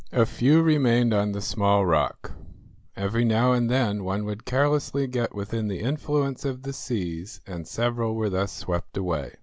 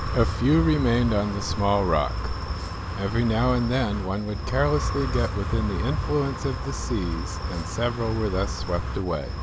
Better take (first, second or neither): first